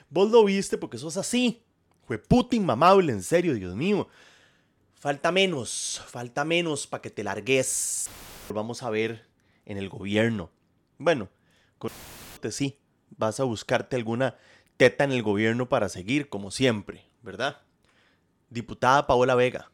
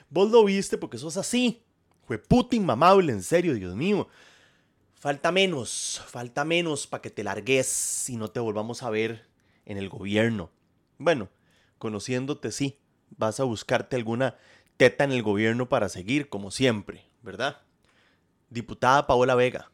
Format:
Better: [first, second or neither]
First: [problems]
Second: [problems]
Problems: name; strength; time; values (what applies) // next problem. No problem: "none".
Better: second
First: audio cutting out; filled with static; at 8 s and at 12 s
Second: none